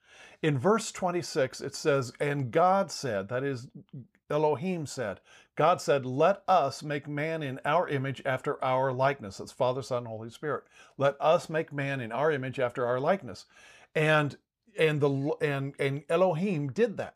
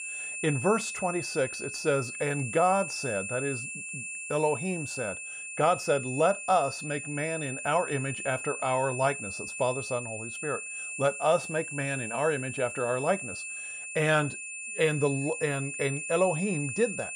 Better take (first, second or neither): first